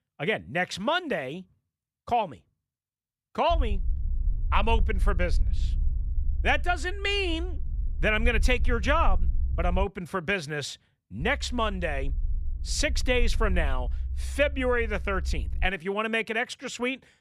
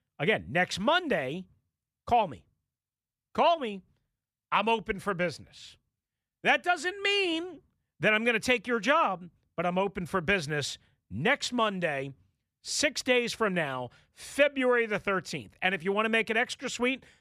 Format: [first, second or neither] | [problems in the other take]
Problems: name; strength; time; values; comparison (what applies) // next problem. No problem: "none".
second | low rumble; faint; from 3.5 to 10 s and from 11 to 16 s; 25 dB below the speech